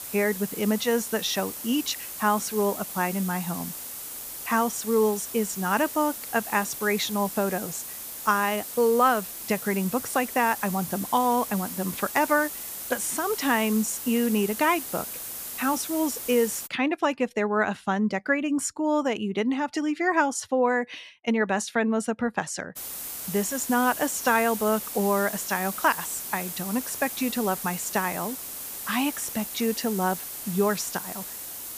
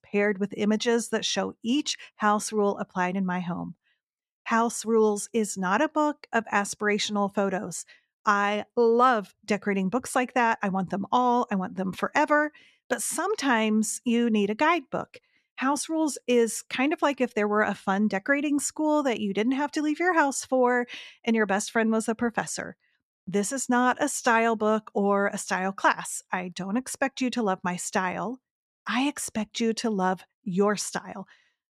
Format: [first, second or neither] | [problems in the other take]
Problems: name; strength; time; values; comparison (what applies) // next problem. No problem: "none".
second | hiss; loud; until 17 s and from 23 s on; 7 dB below the speech